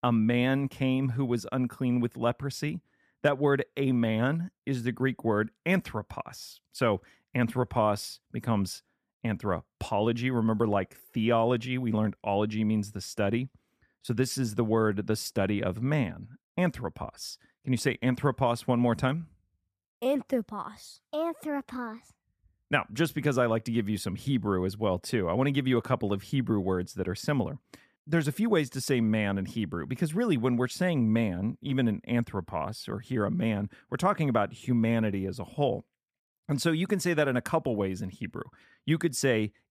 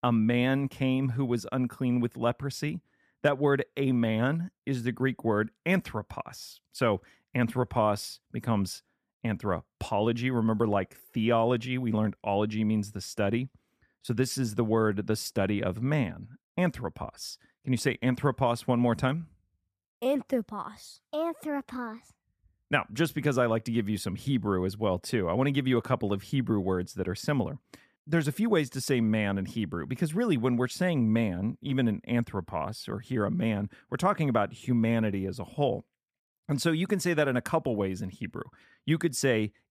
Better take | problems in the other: neither | none

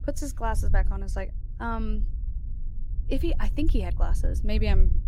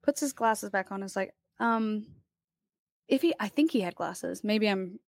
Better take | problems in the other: second | low rumble; noticeable; throughout; 15 dB below the speech

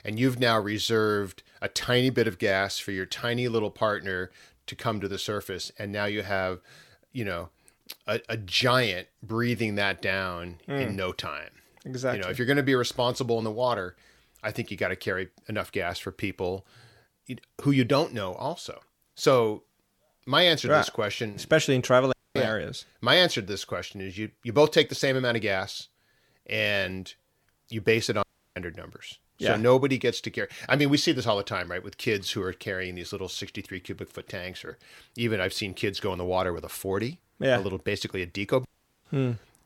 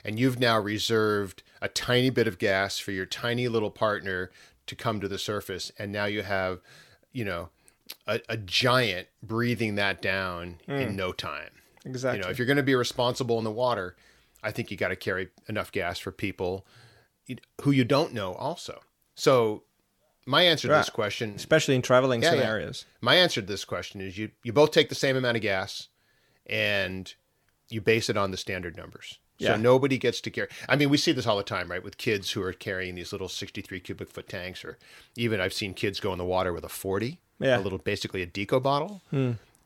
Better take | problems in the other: second | audio cutting out; at 22 s, at 28 s and at 39 s

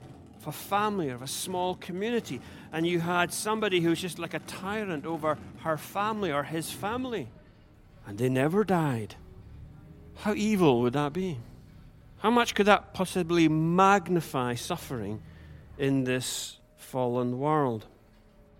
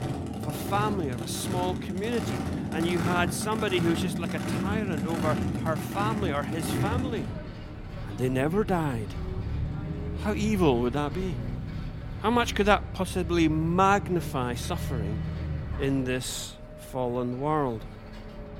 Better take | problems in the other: first | traffic noise; loud; throughout; 4 dB below the speech; faint in the first

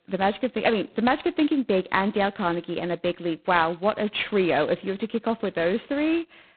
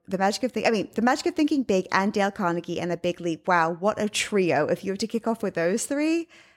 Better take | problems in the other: second | phone-call audio; poor line; nothing above 4 kHz

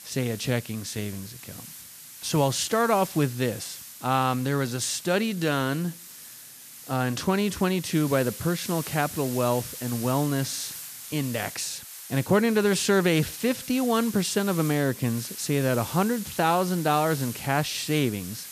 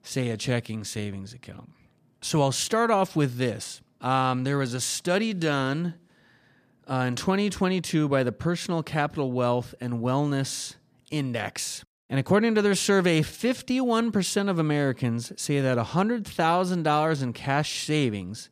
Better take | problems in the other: second | hiss; noticeable; throughout; 10 dB below the speech

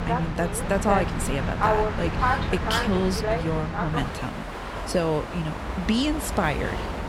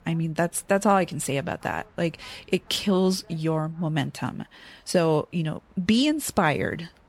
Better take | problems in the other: second | train or aircraft noise; loud; throughout; as loud as the speech; faint in the second

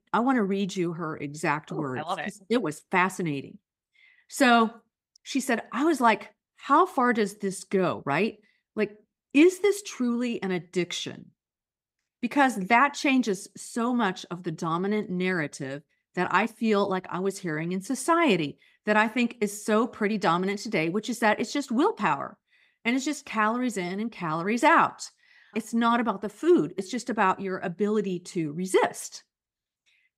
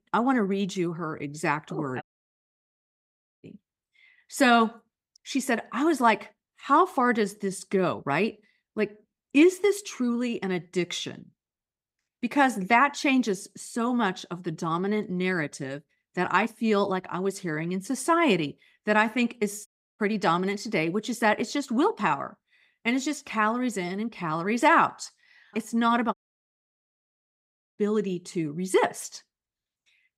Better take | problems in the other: first | audio cutting out; at 2 s for 1.5 s, at 20 s and at 26 s for 1.5 s

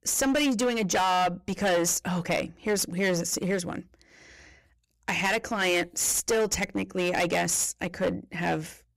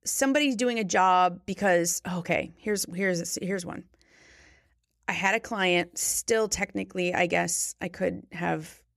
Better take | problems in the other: second | distortion; heavy; 13% of the sound clipped

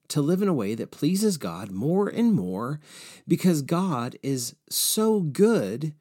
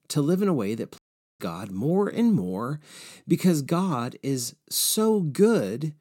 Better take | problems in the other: first | audio cutting out; at 1 s

